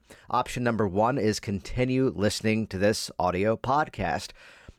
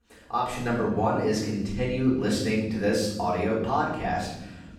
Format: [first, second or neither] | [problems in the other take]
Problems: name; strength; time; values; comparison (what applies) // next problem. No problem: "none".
first | room echo; noticeable; dies away in 1 s // off-mic speech; far